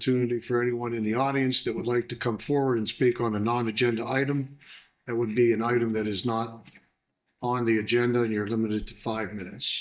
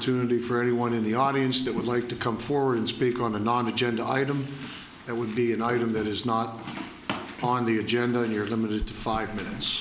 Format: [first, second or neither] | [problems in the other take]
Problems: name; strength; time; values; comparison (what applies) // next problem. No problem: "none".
second | noise reduction (neural mask model DeepFilterNet 3)